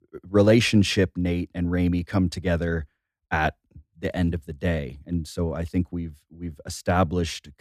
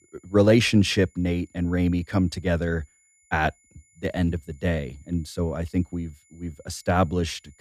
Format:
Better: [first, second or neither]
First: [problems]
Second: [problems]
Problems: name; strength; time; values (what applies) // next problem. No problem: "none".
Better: first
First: none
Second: high-pitched whine; faint; throughout; 7 kHz, 35 dB below the speech